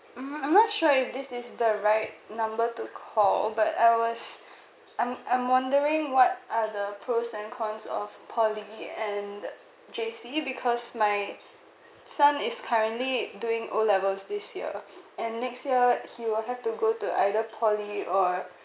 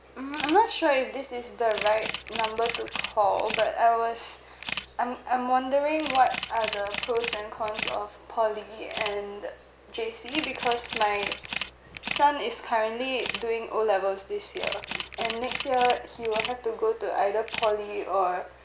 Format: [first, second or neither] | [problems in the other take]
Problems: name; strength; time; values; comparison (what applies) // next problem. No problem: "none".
first | background sound (Camera); 10 dB below the speech